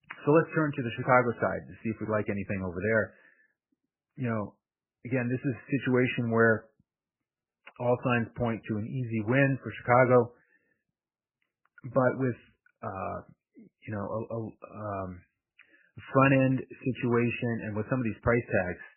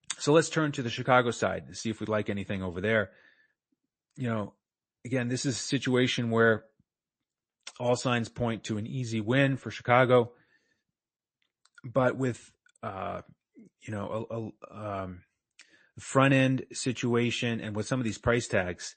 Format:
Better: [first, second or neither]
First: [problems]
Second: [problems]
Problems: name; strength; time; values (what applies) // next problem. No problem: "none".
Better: second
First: garbled, watery; badly; nothing above 3 kHz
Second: garbled, watery; slightly; nothing above 8 kHz